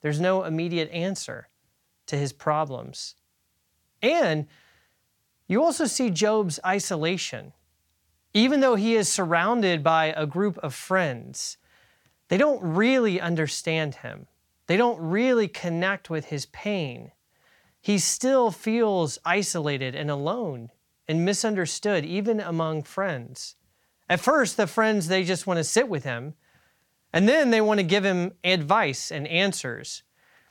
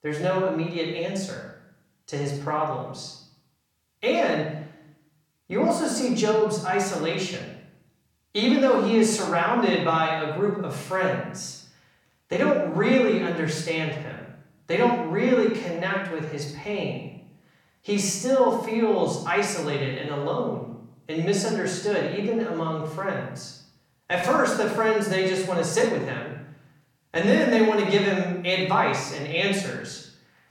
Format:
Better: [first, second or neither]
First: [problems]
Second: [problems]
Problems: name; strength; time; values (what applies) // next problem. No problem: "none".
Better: first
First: none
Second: off-mic speech; somewhat distant // room echo; noticeable; dies away in 0.7 s